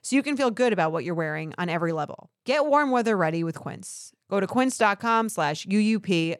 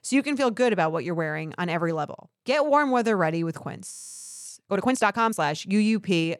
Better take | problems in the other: first | audio freezing; at 4 s for 0.5 s

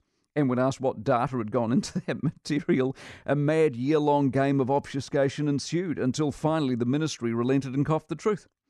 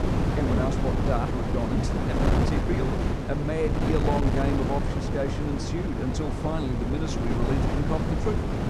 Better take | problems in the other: first | wind noise on the microphone; heavy; 1 dB above the speech

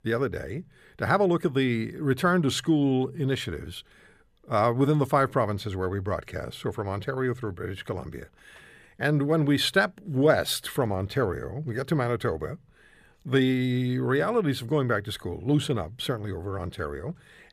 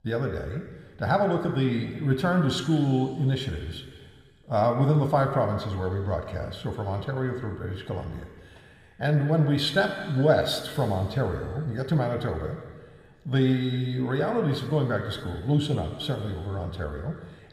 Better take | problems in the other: first | room echo; slight; dies away in 1.9 s

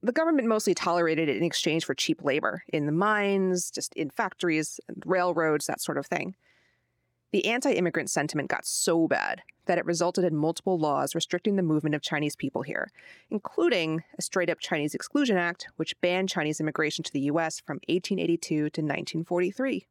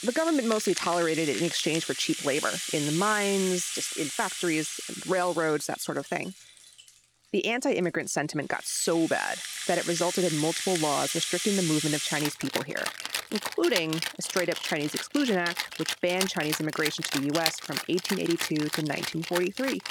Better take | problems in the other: first | background music; loud; throughout; 4 dB below the speech

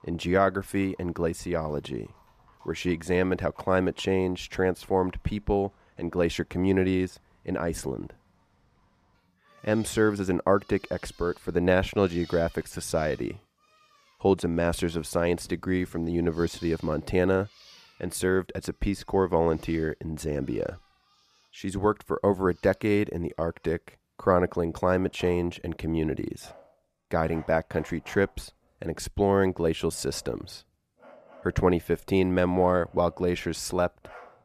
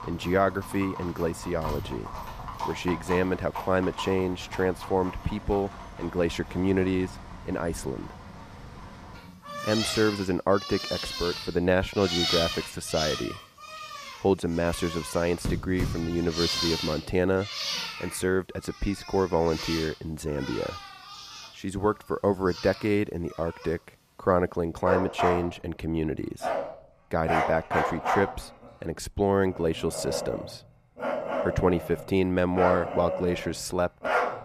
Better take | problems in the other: first | animal sounds; loud; throughout; 5 dB below the speech; faint in the first

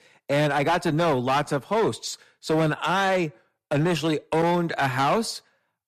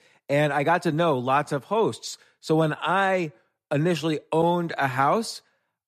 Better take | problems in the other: second | distortion; slight; 12% of the sound clipped

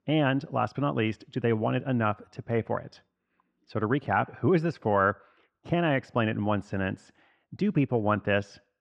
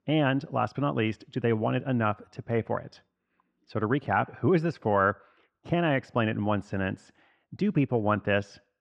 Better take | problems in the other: neither | muffled; slightly; fading above 2.5 kHz; the same in both

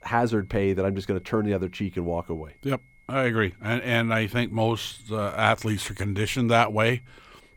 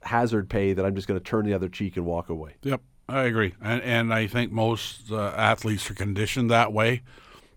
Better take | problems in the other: second | high-pitched whine; faint; throughout; 2 kHz, 35 dB below the speech

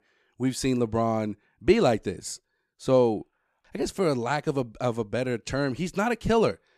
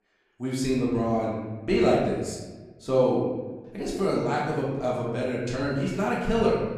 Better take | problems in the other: first | room echo; noticeable; dies away in 1.1 s // off-mic speech; far

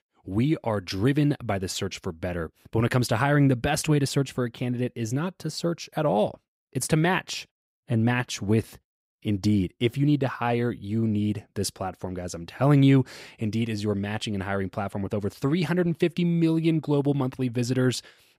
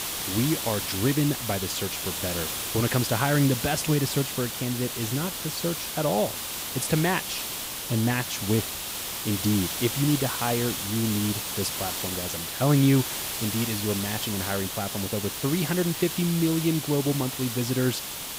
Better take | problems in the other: first | hiss; loud; throughout; 3 dB below the speech

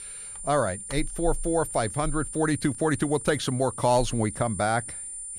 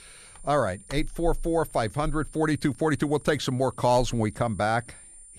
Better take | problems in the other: second | high-pitched whine; loud; throughout; 9 kHz, 9 dB below the speech; faint in the second

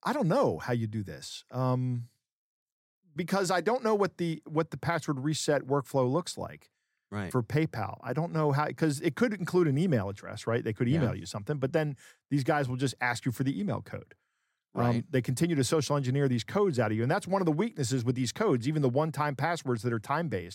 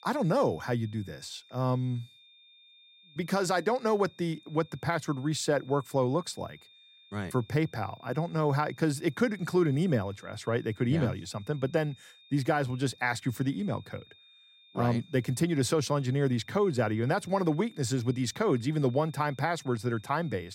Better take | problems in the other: first | high-pitched whine; faint; throughout; 3.5 kHz, 25 dB below the speech

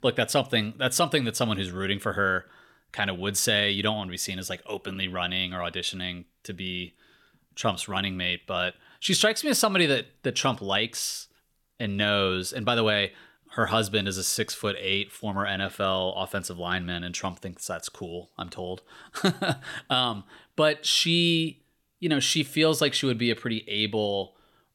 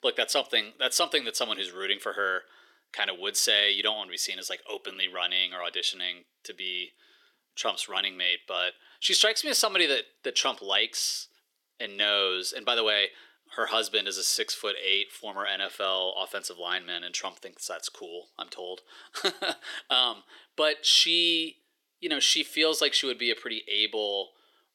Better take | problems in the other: first | thin; somewhat; fading below 350 Hz

